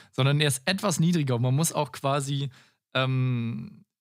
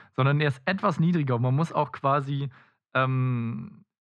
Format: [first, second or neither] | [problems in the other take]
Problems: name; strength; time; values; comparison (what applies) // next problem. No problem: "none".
first | muffled; very; fading above 2 kHz